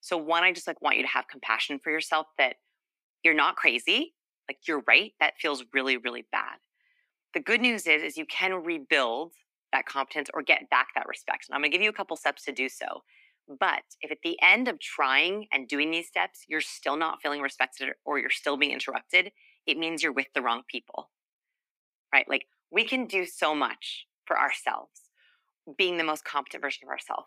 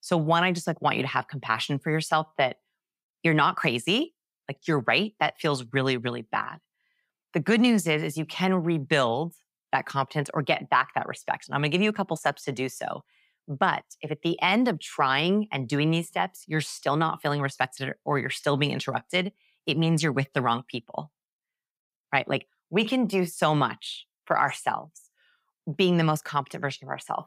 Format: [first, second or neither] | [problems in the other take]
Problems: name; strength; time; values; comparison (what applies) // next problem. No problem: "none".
second | thin; somewhat; fading below 250 Hz